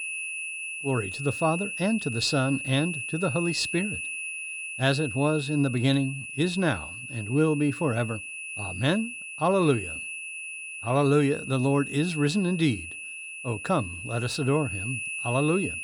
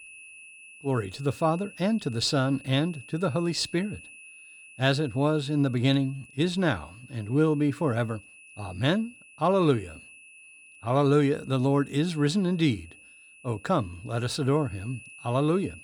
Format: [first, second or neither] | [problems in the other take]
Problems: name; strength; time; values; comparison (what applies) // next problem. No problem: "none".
second | high-pitched whine; loud; throughout; 2.5 kHz, 7 dB below the speech; faint in the second